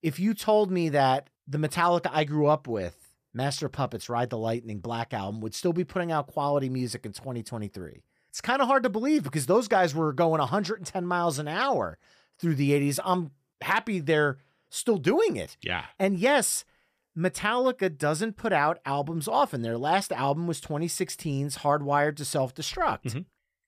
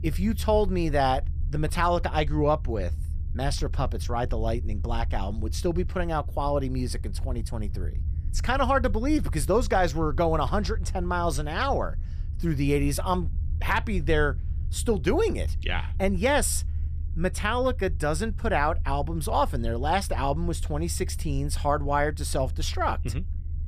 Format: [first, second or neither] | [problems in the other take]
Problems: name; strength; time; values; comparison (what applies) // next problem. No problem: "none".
first | low rumble; faint; throughout; 25 dB below the speech